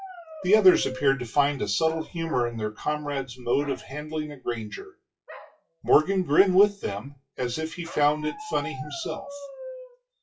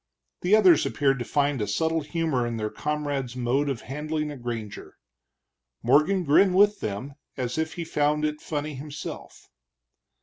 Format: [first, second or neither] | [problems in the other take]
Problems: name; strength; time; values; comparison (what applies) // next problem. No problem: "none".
second | noise reduction (classical method WPE with log-MMSE)